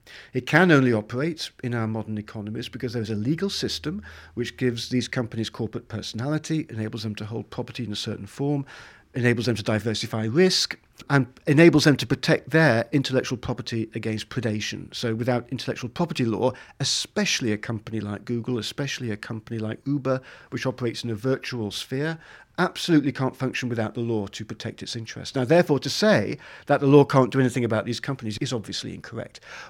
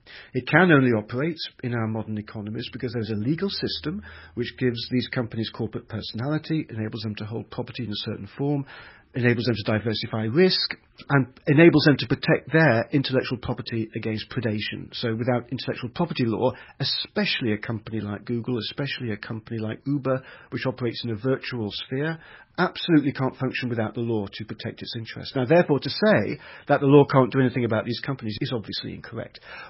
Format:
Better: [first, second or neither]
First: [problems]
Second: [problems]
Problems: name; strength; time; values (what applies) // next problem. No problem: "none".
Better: first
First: none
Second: garbled, watery; badly; nothing above 5.5 kHz